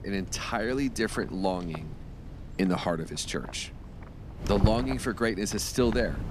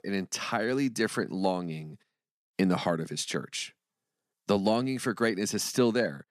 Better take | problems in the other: second | wind noise on the microphone; occasional gusts; 15 dB below the speech

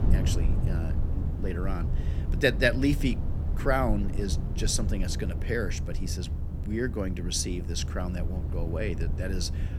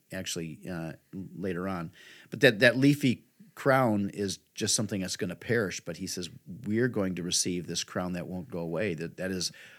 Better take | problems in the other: second | low rumble; noticeable; throughout; 15 dB below the speech

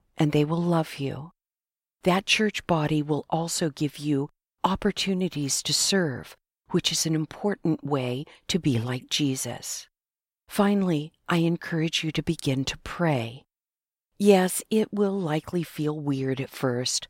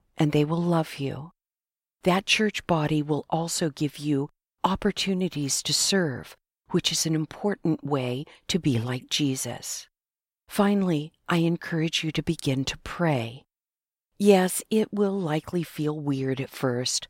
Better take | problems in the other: neither | none

